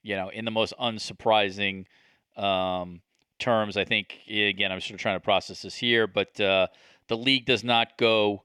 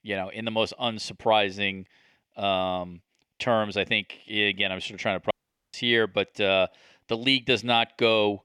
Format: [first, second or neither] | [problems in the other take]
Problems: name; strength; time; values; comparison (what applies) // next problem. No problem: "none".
first | audio cutting out; at 5.5 s